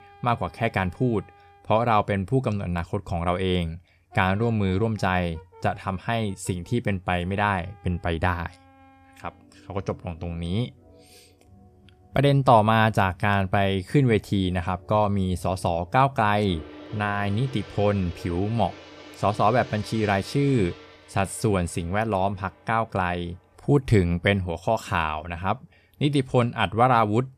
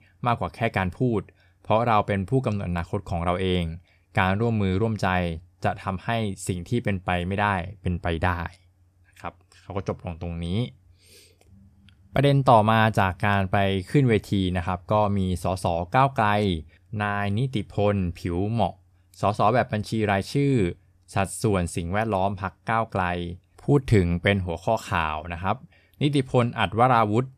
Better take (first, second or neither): second